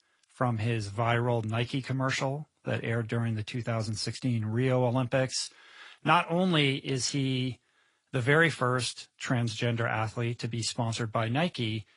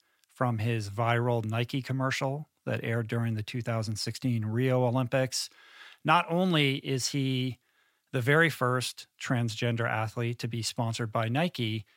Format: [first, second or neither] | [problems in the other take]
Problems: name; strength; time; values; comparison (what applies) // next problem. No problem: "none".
second | garbled, watery; slightly; nothing above 10.5 kHz